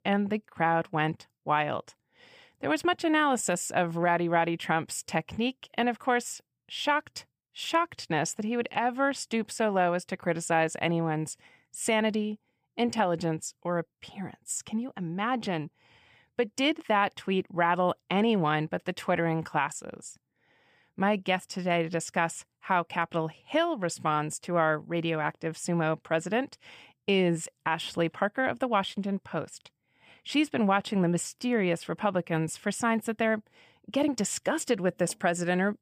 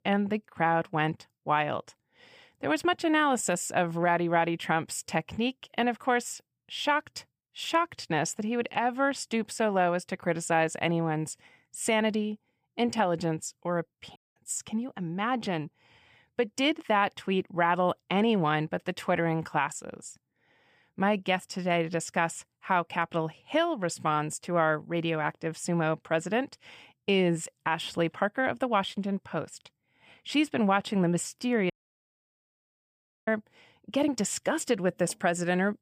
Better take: first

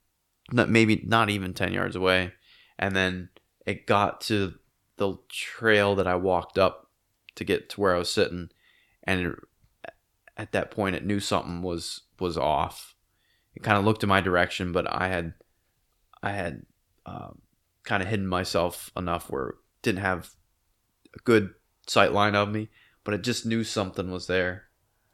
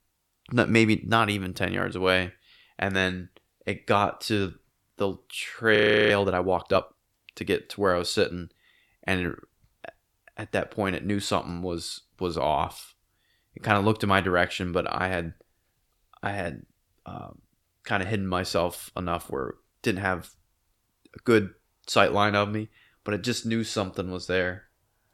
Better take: first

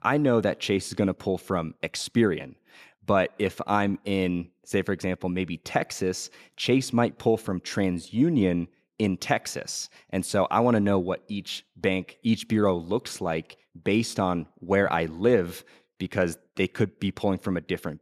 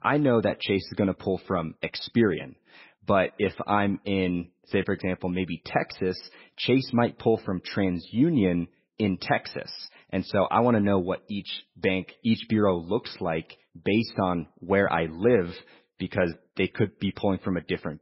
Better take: first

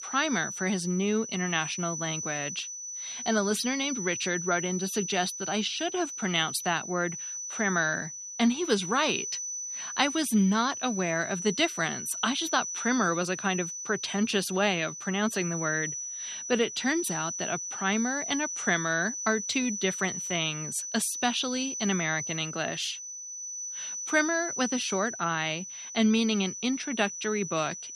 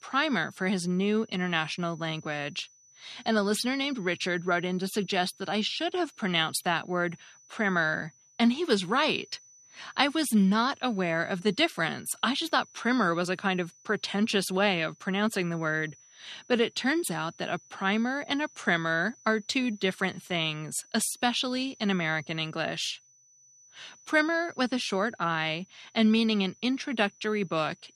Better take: second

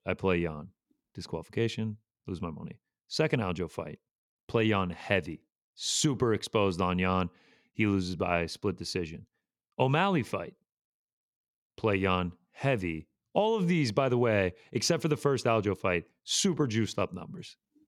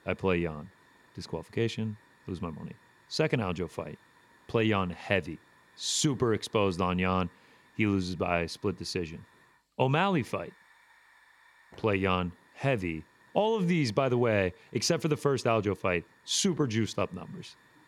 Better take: first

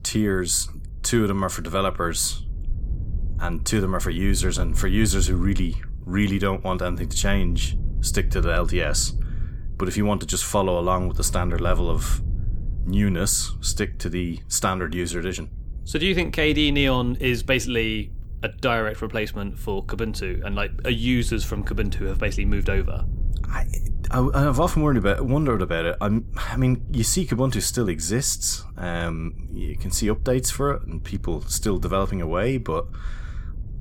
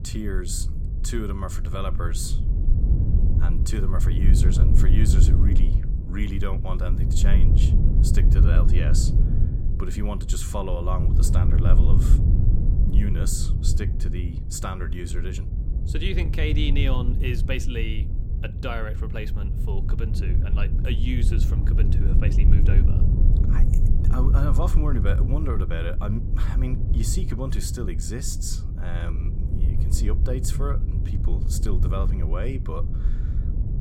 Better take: first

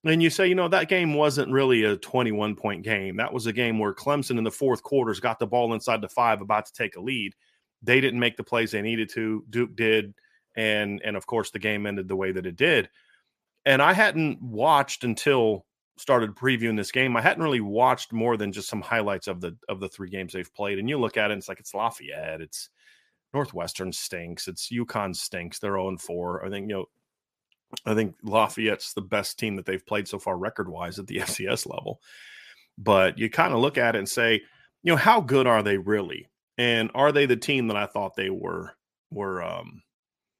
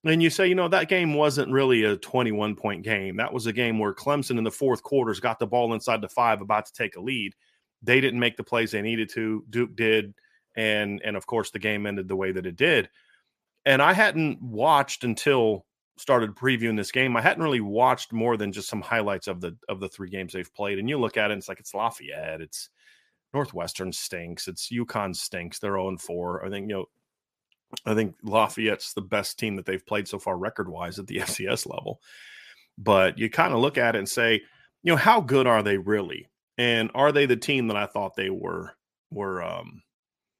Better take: neither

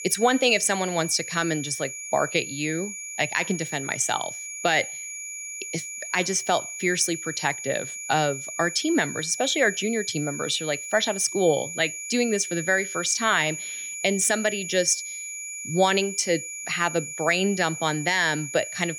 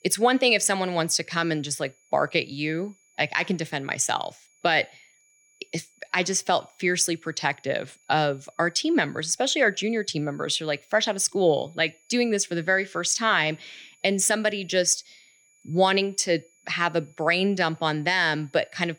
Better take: second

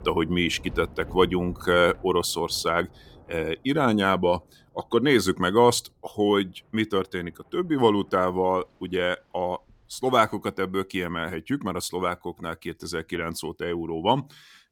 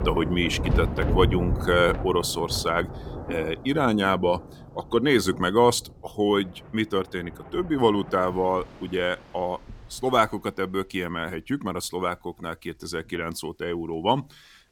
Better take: first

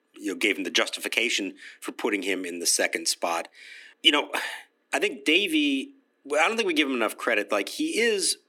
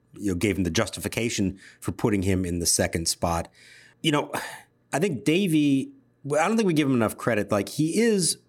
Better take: second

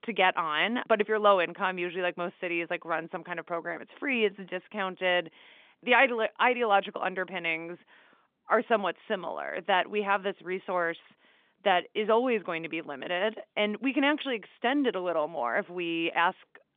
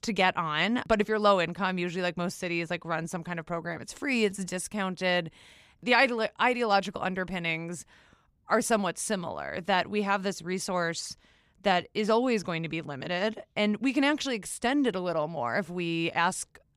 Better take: second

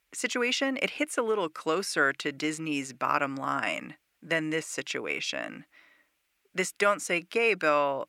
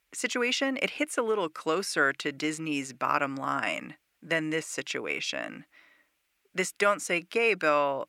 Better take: neither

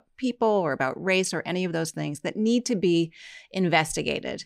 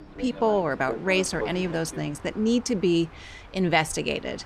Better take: first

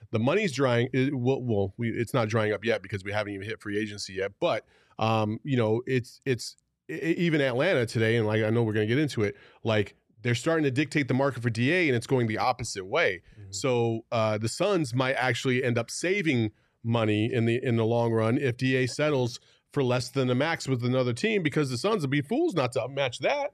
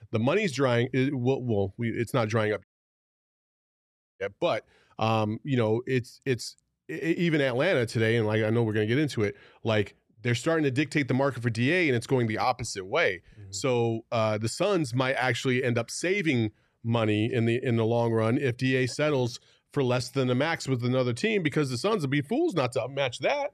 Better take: first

